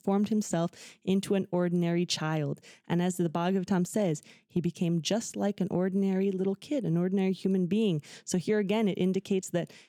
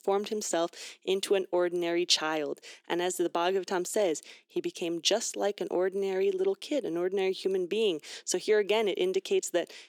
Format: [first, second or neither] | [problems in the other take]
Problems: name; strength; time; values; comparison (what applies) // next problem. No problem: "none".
first | thin; very; fading below 350 Hz